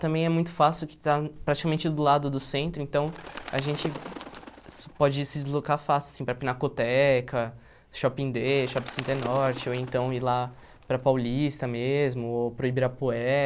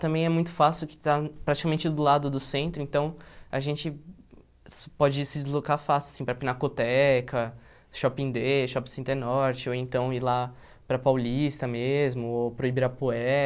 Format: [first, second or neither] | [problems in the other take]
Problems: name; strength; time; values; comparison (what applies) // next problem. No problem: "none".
second | background sound (Bird); 16 dB below the speech